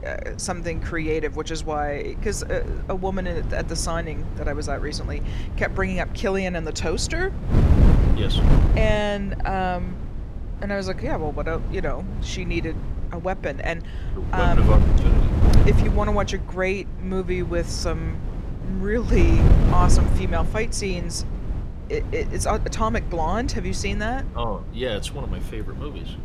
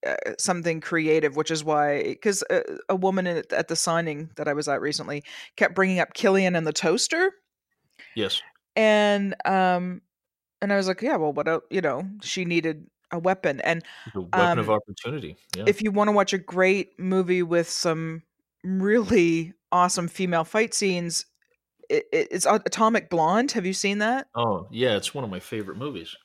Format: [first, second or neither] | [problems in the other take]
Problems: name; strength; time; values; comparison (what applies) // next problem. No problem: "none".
second | wind noise on the microphone; heavy; 8 dB below the speech